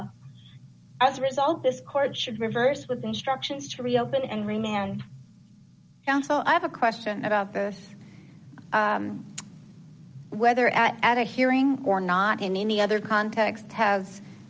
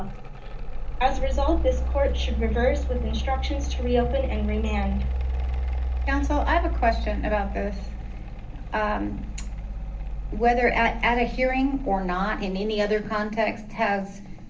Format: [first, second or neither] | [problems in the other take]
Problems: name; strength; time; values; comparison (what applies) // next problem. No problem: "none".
first | background sound (Mechanical fan); 1 dB below the speech // room echo; dies away in 0.3 s